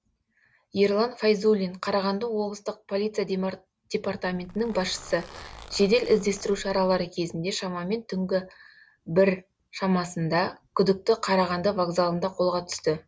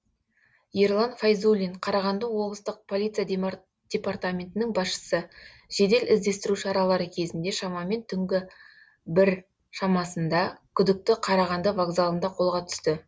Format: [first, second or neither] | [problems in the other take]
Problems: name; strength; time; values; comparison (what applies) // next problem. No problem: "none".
second | background sound (Zipper (clothing)); 18 dB below the speech